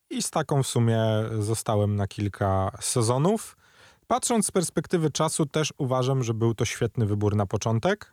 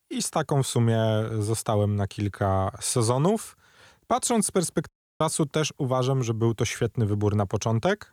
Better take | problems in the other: first | audio cutting out; at 5 s

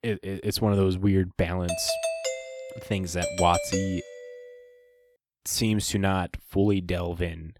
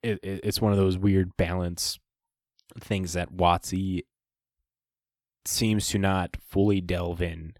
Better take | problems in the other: second | doorbell; noticeable; from 1.5 to 4.5 s; peak 2 dB below the speech

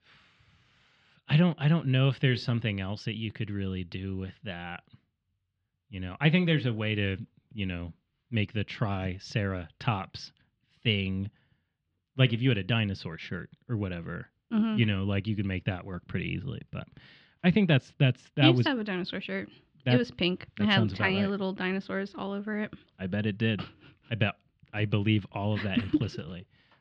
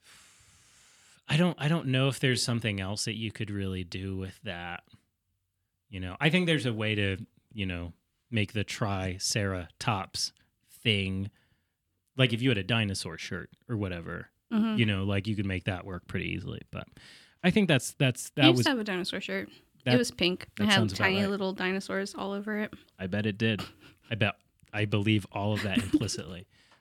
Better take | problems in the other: second | muffled; slightly; fading above 4 kHz

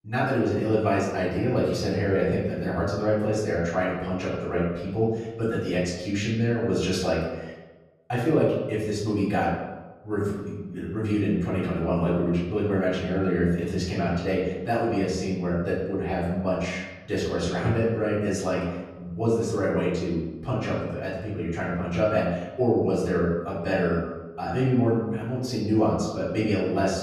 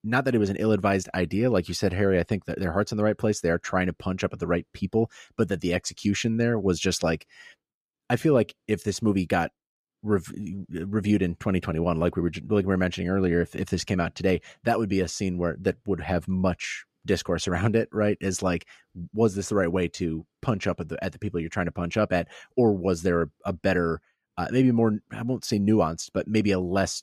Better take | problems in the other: second | off-mic speech; far // room echo; noticeable; dies away in 1 s

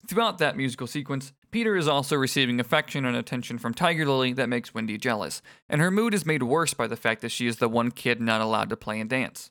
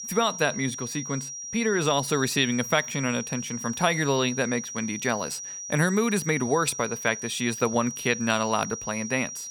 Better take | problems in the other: first | high-pitched whine; loud; throughout; 5.5 kHz, 8 dB below the speech

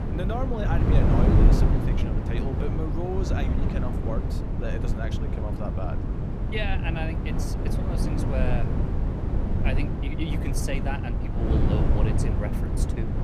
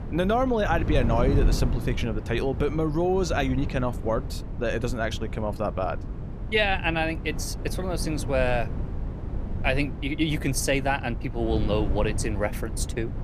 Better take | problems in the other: second | wind noise on the microphone; heavy; 1 dB above the speech; occasional gusts in the second

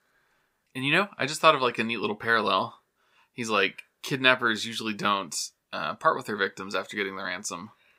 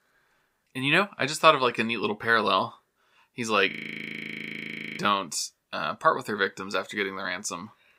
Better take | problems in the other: first | audio freezing; at 3.5 s for 1.5 s

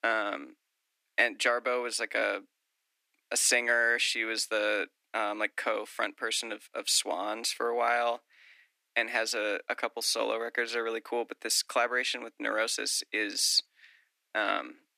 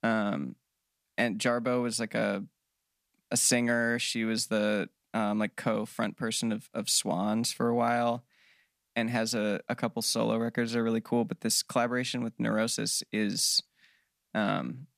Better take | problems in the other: second | thin; very; fading below 300 Hz

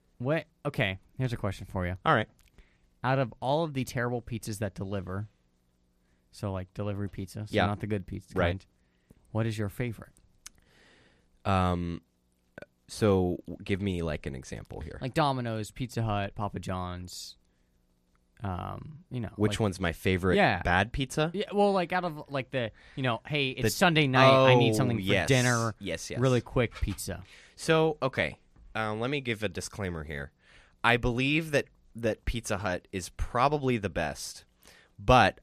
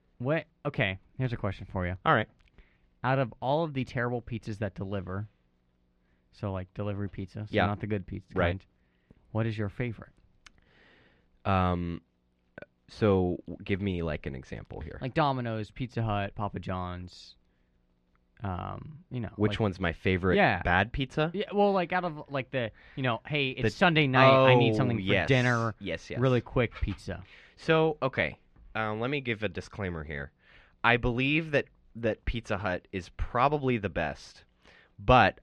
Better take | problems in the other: first | muffled; slightly; fading above 3 kHz

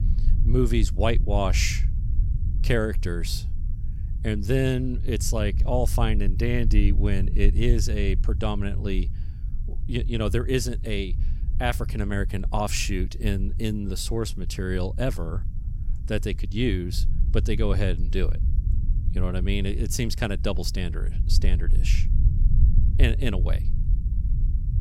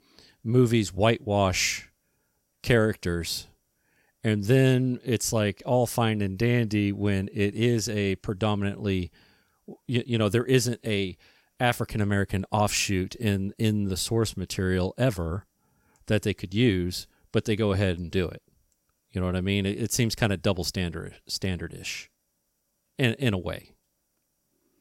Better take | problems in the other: second | low rumble; noticeable; throughout; 15 dB below the speech

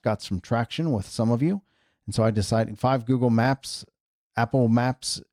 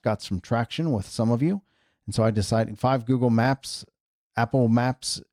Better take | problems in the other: neither | none

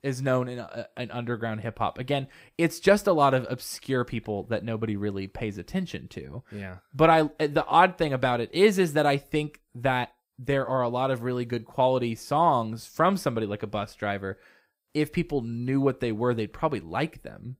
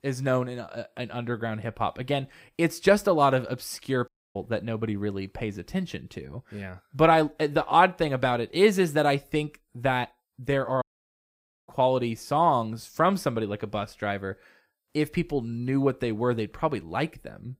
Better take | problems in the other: first | audio cutting out; at 4 s and at 11 s for 1 s

